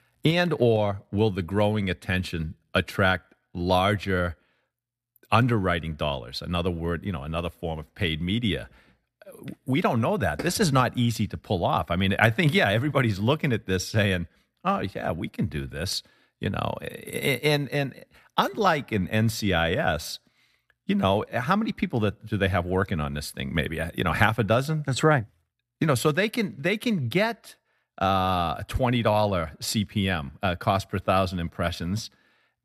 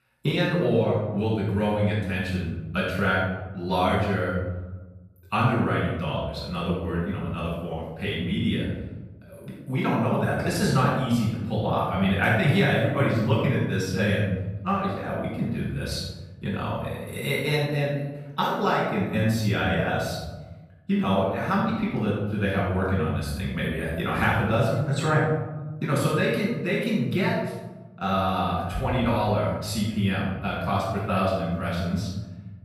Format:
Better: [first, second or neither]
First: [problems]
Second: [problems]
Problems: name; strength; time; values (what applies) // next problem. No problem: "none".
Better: first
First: none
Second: room echo; noticeable; dies away in 1.1 s // off-mic speech; far